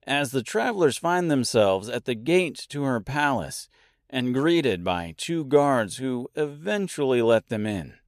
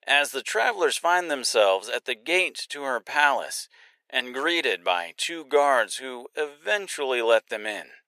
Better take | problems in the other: first | thin; very; fading below 500 Hz

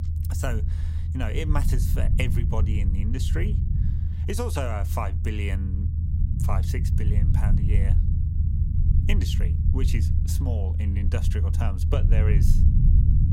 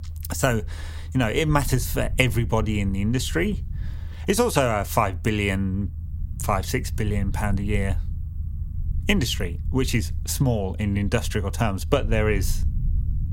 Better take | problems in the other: second | low rumble; loud; throughout; 4 dB below the speech; faint in the second

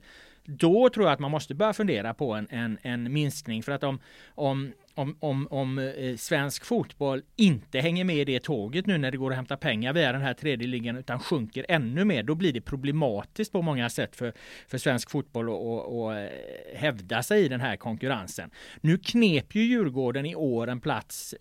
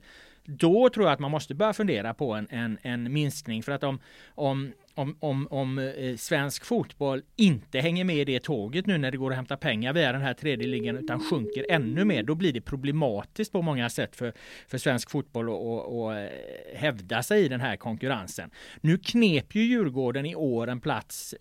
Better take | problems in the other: first | siren; noticeable; from 11 to 12 s; peak 7 dB below the speech

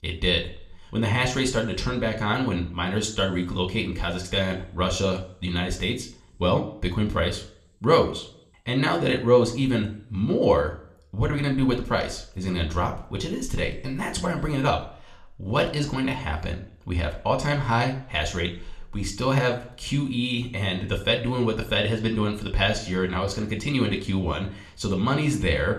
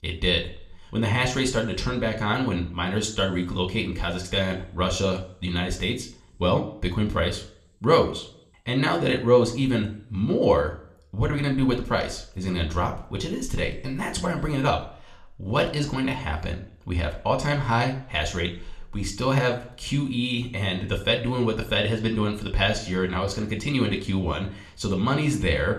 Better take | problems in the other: neither | room echo; very slight; dies away in 0.4 s; the same in both

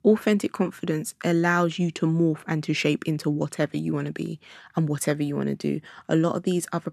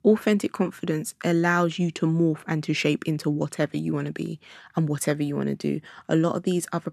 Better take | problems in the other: neither | none

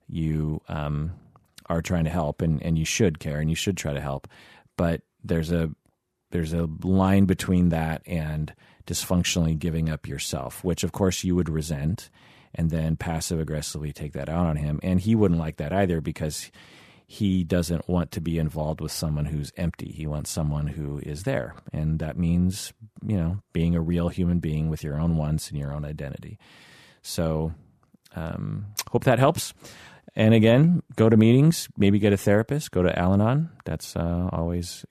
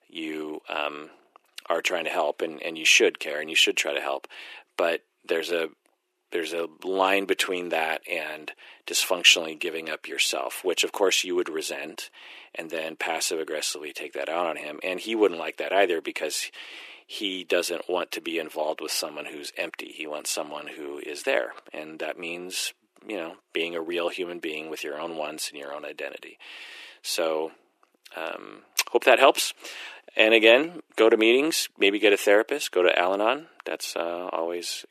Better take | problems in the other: first | thin; very; fading below 350 Hz

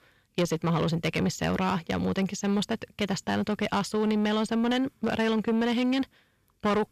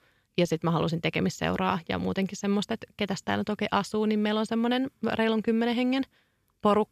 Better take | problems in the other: second | distortion; slight; 10 dB below the speech

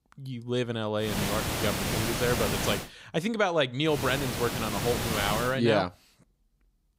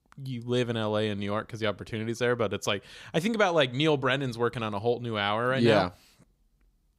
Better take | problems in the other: second | hiss; very faint; from 1 to 3 s and from 4 to 5.5 s; 2 dB below the speech

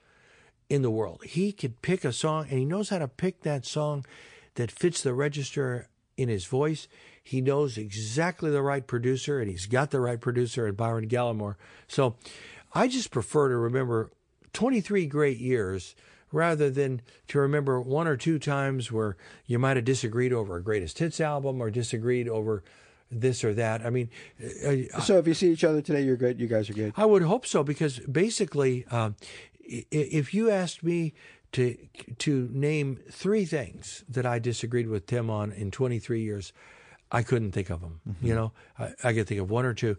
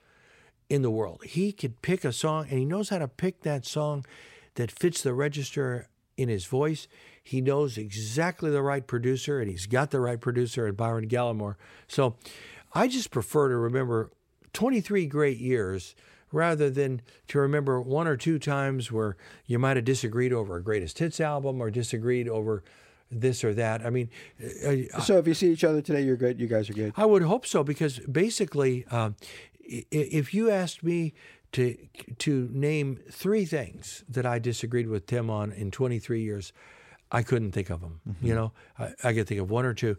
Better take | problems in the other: second | garbled, watery; slightly; nothing above 9 kHz

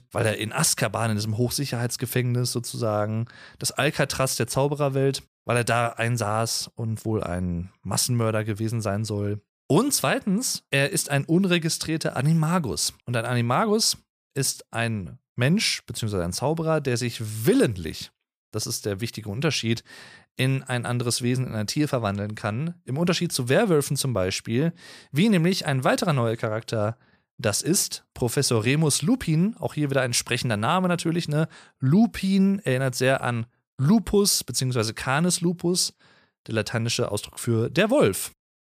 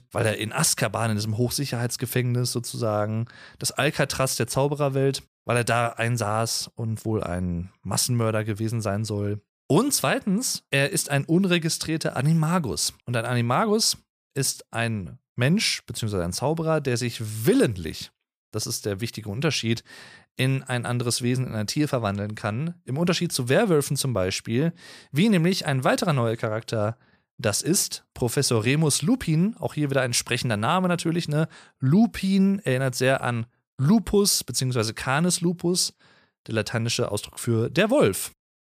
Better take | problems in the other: neither | none

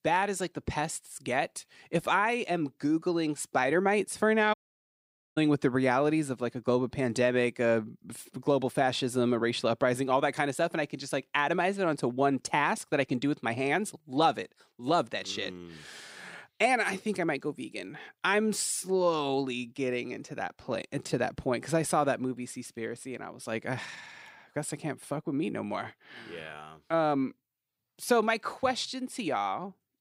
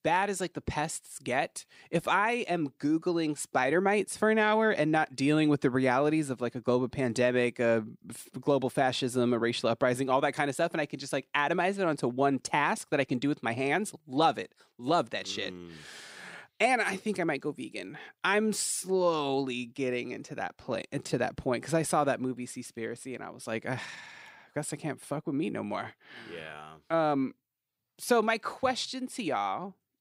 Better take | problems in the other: second | audio cutting out; at 4.5 s for 1 s

